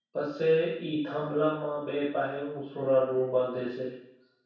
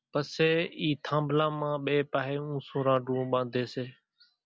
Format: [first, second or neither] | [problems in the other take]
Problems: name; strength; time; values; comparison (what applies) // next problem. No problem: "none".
second | room echo; dies away in 0.7 s